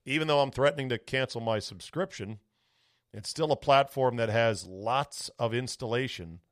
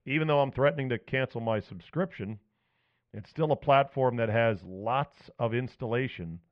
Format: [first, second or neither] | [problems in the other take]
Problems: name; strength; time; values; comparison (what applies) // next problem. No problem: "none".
first | muffled; very; fading above 2.5 kHz